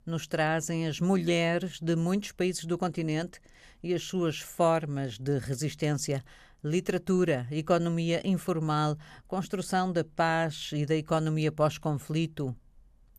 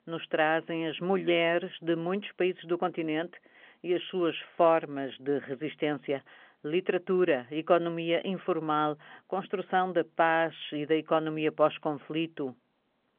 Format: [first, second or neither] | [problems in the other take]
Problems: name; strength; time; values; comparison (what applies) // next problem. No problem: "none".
first | phone-call audio; nothing above 3.5 kHz